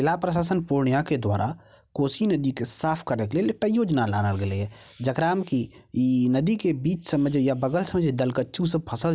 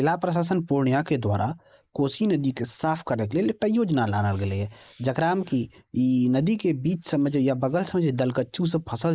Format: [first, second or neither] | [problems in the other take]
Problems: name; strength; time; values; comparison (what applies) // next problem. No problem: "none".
first | noise reduction (neural mask model Resemble Enhance denoiser)